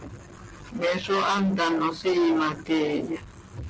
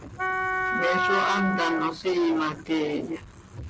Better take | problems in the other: first | background sound (Wind instrument, woodwind instrument); as loud as the speech

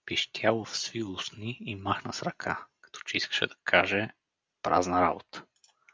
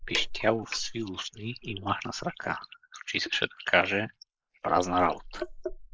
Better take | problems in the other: first | noise reduction (neural mask model Resemble Enhance denoiser)

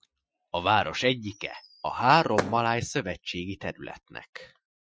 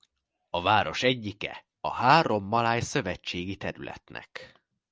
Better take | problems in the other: second | noise reduction (classical method Wiener filter)

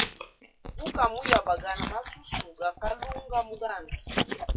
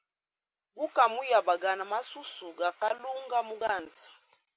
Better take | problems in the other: second | noise reduction (classical method WPE with log-MMSE)

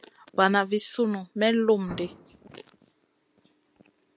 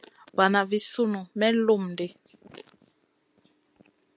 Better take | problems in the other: second | background sound (Explosion); 17 dB below the speech

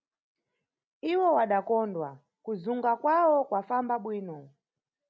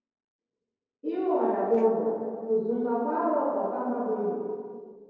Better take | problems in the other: first | noise reduction (neural separator model SepFormer DNS4)

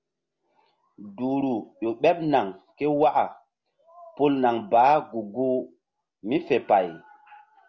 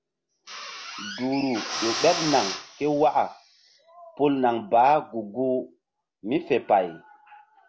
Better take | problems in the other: first | background sound (Drill); 9 dB below the speech

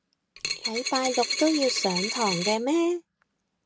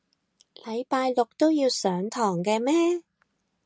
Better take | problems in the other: second | background sound (Coin (dropping)); 3 dB below the speech

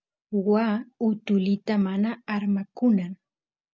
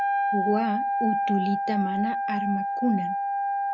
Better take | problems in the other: first | background sound (Wind instrument, woodwind instrument); 2 dB above the speech

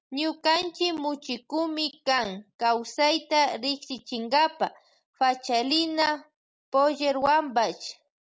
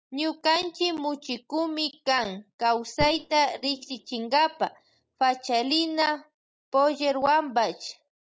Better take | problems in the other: first | noise reduction (neural mask model DeepFilterNet 3)

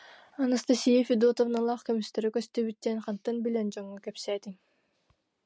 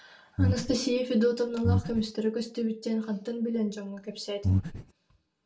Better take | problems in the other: first | background sound (Breathing); 3 dB above the speech // room echo; dies away in 0.3 s

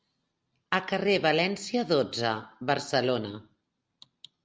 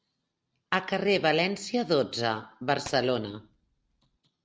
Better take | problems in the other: first | noise reduction (neural separator model SepFormer DNS4)

